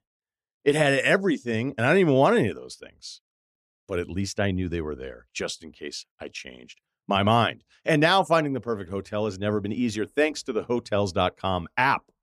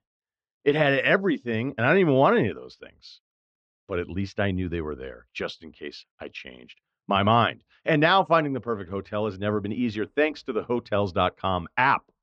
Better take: first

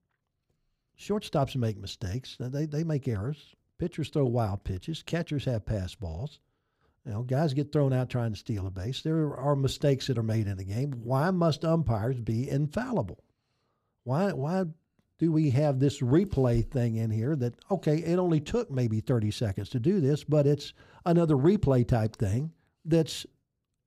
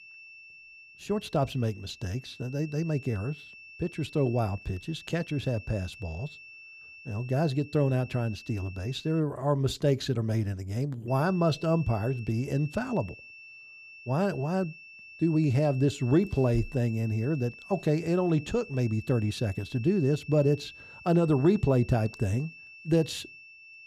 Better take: first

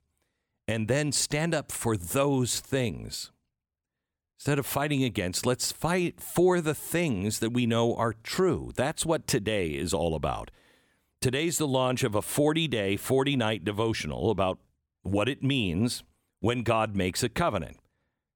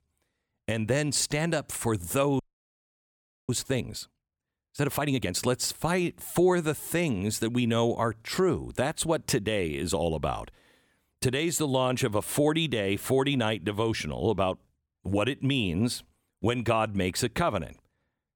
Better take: first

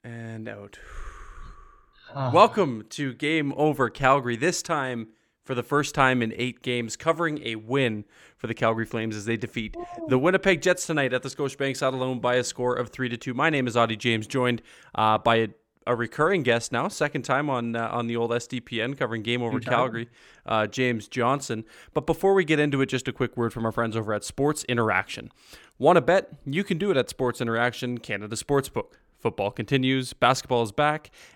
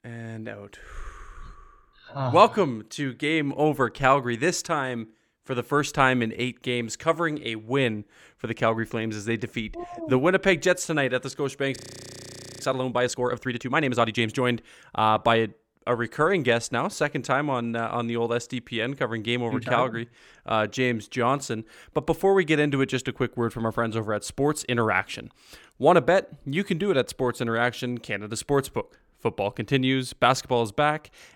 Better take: first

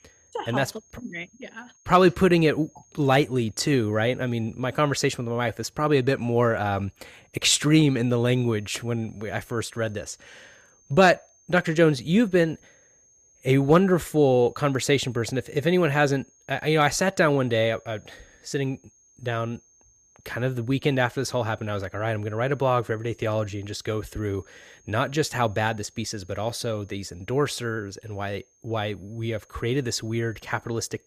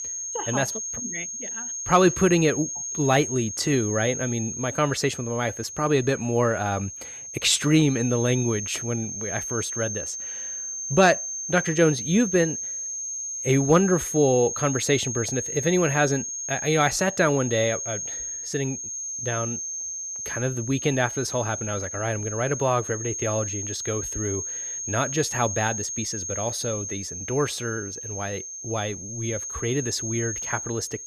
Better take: first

